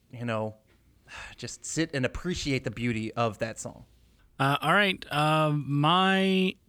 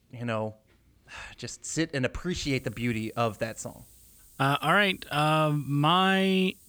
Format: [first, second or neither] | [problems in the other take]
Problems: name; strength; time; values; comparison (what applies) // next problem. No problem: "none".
first | hiss; faint; from 2.5 s on; 25 dB below the speech